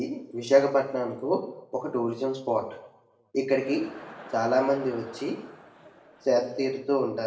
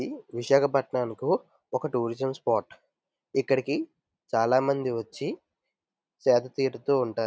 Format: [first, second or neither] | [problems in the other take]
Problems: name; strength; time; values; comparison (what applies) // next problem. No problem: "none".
second | background sound (Crowd); 19 dB below the speech // room echo; dies away in 0.9 s